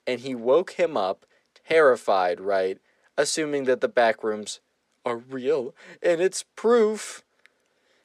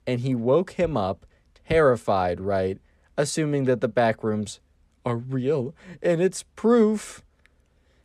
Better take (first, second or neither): second